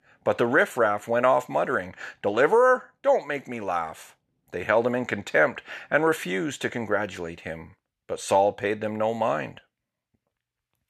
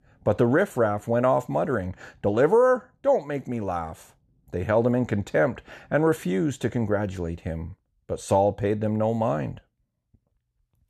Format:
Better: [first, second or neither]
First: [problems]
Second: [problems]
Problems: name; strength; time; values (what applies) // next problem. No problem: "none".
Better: second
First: thin; somewhat; fading below 1 kHz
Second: none